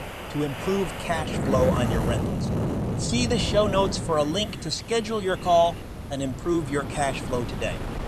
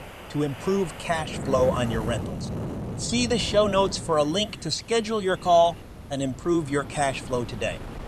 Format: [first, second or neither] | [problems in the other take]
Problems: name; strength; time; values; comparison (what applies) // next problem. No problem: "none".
second | wind noise on the microphone; heavy; 8 dB below the speech; occasional gusts in the second